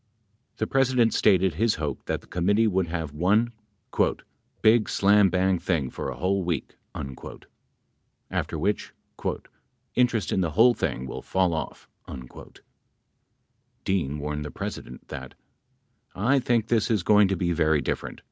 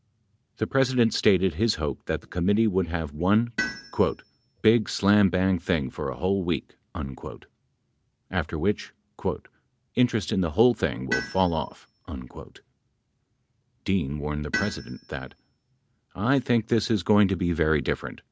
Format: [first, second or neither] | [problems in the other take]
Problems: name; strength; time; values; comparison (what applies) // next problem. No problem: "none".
first | background sound (Tools); 13 dB below the speech